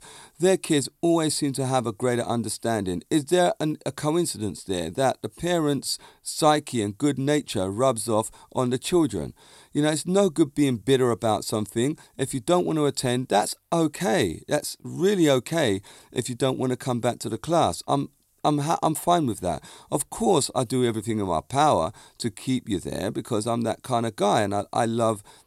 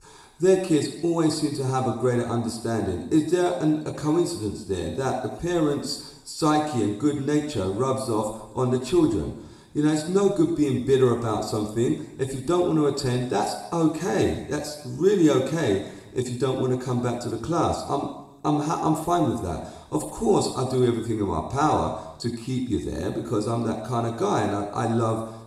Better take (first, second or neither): first